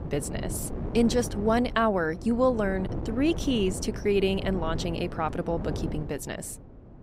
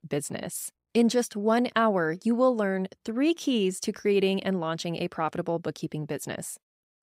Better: second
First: wind noise on the microphone; occasional gusts; 15 dB below the speech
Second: none

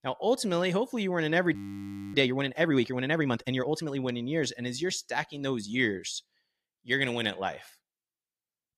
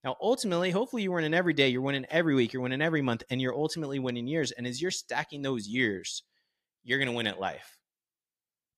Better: second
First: audio freezing; at 1.5 s for 0.5 s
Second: none

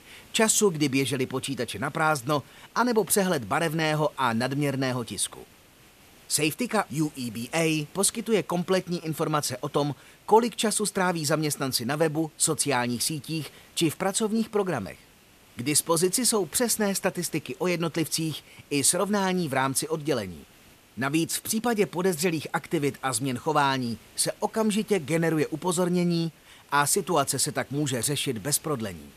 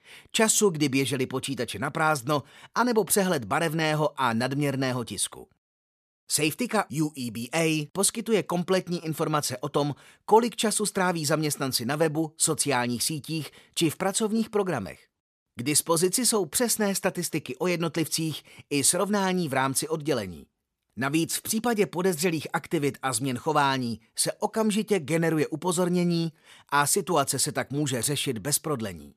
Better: second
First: hiss; faint; throughout; 25 dB below the speech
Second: none

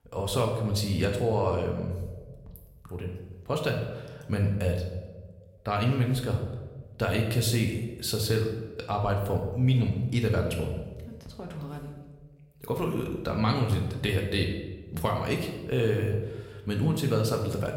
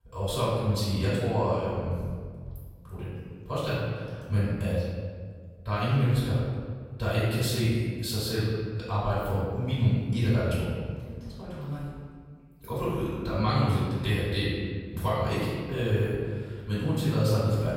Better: first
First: room echo; slight; dies away in 1 s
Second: room echo; strong; dies away in 1.6 s // off-mic speech; far

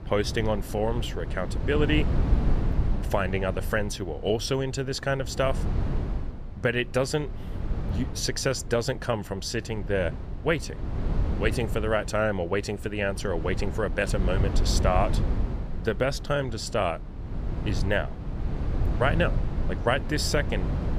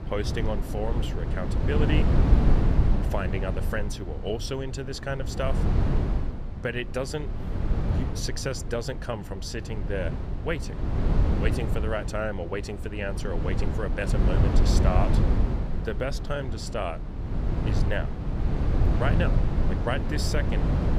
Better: first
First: wind noise on the microphone; occasional gusts; 15 dB below the speech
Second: wind noise on the microphone; heavy; 4 dB below the speech

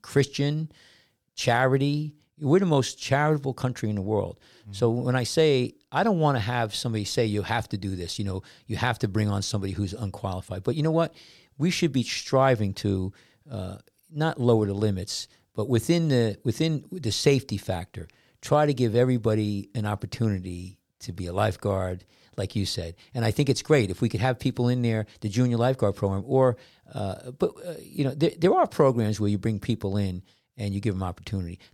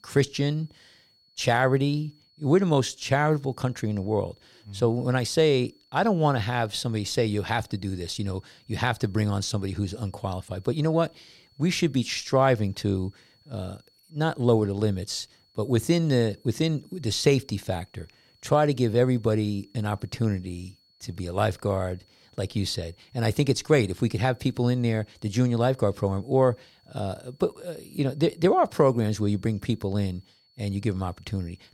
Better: first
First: none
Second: high-pitched whine; faint; throughout; 4.5 kHz, 35 dB below the speech

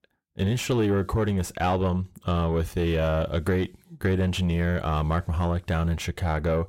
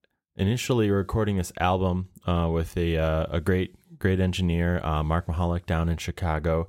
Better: second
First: distortion; slight; 10 dB below the speech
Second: none

